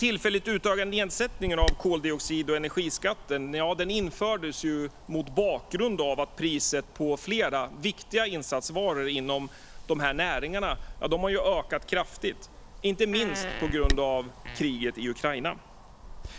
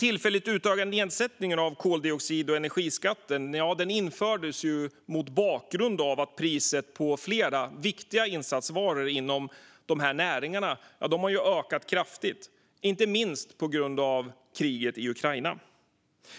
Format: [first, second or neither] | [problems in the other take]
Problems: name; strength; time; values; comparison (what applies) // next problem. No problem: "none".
second | background sound (Wind + Fart); 8 dB below the speech